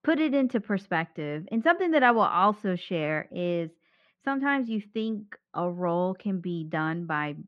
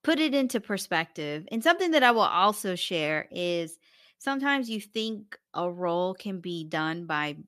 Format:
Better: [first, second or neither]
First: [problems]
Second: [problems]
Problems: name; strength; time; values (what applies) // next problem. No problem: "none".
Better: second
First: muffled; very; fading above 1.5 kHz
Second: none